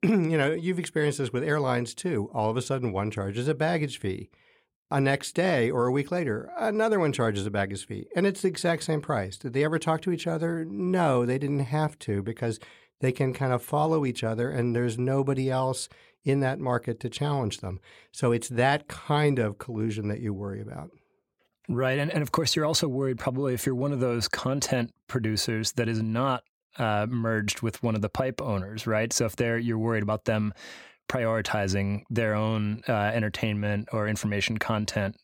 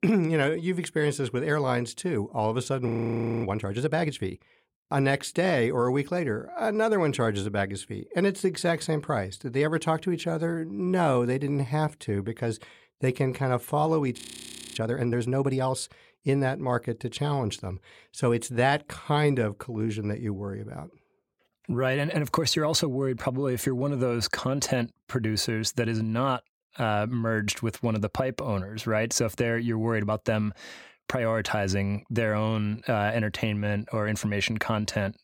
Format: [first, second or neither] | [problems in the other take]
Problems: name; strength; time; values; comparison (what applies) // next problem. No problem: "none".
first | audio freezing; at 3 s for 0.5 s and at 14 s for 0.5 s